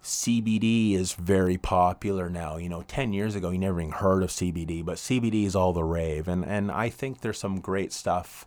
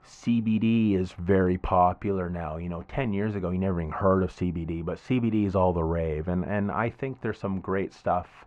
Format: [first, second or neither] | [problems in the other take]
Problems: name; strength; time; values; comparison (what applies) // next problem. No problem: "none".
first | muffled; very; fading above 2 kHz